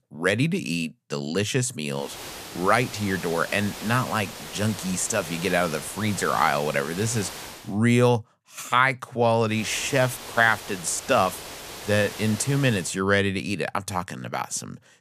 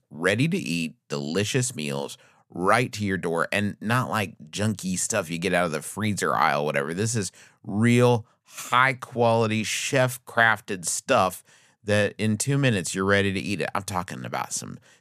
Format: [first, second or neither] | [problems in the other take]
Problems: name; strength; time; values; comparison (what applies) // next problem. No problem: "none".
second | hiss; noticeable; from 2 to 7.5 s and from 9.5 to 13 s; 10 dB below the speech